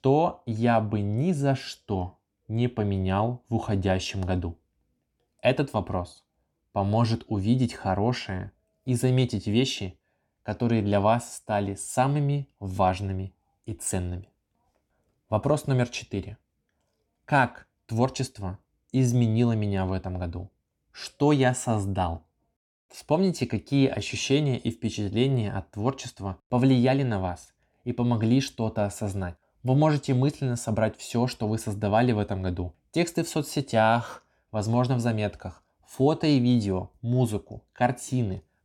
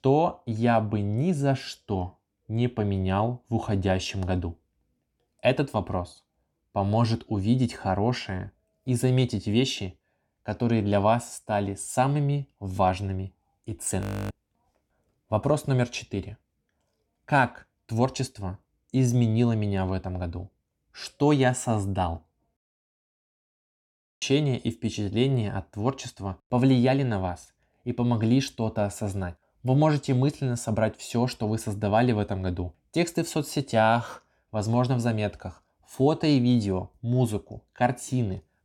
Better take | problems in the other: first | audio freezing; at 14 s and at 23 s for 1.5 s

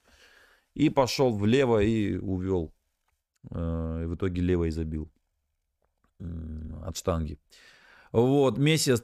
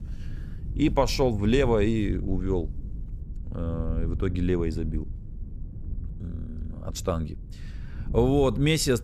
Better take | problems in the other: first | wind noise on the microphone; occasional gusts; 20 dB below the speech

